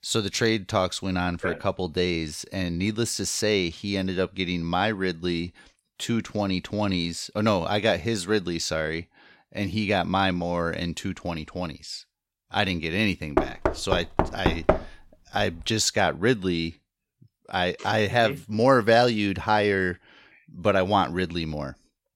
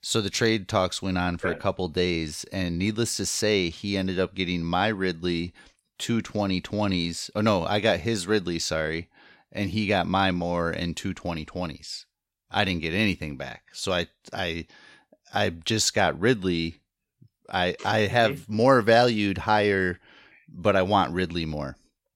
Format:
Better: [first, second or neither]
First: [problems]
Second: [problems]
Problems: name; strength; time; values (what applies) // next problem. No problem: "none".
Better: second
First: door banging; loud; from 13 to 15 s; peak 2 dB above the speech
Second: none